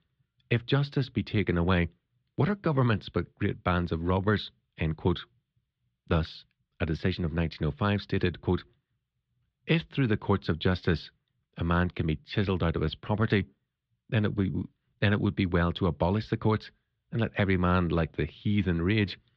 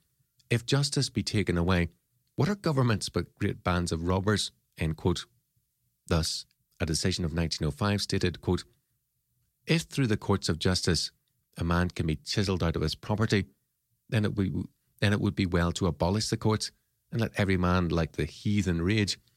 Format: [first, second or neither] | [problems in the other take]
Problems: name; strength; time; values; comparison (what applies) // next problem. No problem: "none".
second | muffled; very; fading above 3.5 kHz